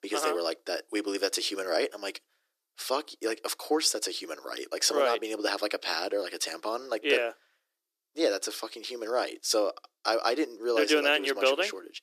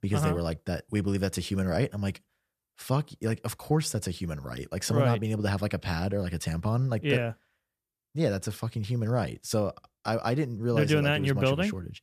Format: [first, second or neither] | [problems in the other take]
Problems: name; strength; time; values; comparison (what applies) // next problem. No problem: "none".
second | thin; very; fading below 300 Hz